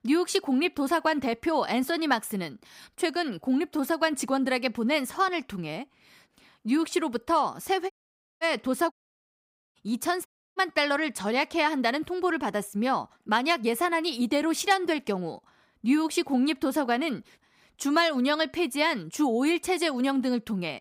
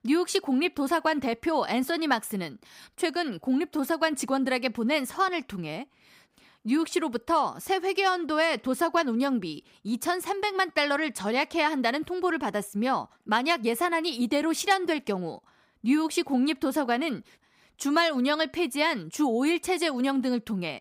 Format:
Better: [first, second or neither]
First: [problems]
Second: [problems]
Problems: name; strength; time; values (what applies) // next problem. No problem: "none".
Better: second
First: audio cutting out; at 8 s for 0.5 s, at 9 s for 1 s and at 10 s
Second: none